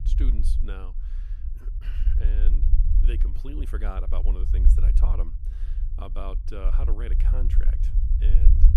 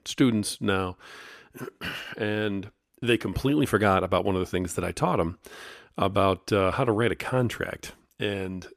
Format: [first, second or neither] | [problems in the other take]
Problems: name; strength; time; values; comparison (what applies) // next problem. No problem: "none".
second | low rumble; loud; throughout; 4 dB below the speech